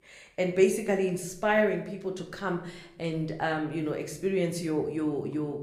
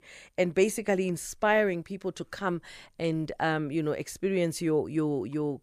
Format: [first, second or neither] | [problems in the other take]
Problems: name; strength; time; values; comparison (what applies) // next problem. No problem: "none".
second | room echo; slight; dies away in 0.5 s